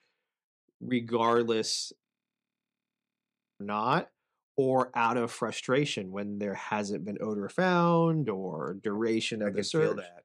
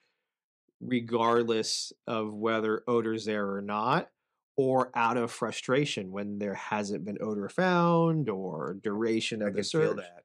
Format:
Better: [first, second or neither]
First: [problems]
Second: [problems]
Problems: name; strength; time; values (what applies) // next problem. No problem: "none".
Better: second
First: audio freezing; at 2 s for 1.5 s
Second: none